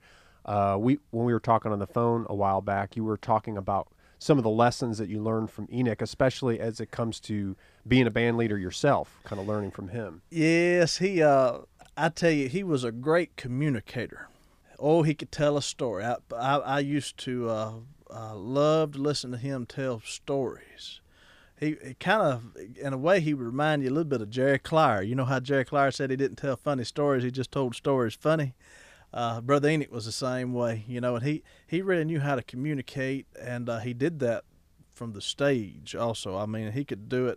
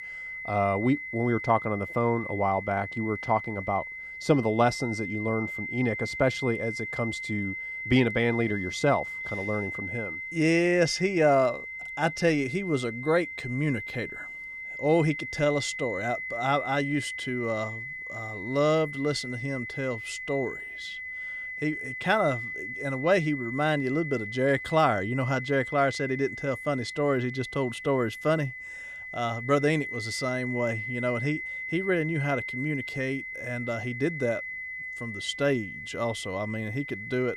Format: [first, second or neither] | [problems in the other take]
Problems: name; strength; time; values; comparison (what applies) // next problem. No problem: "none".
first | high-pitched whine; loud; throughout; 2 kHz, 7 dB below the speech